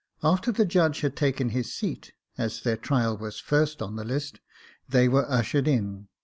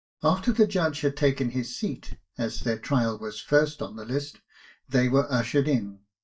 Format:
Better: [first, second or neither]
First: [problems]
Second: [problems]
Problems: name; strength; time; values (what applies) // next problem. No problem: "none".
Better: first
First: none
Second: noise reduction (neural mask model DeepFilterNet 3)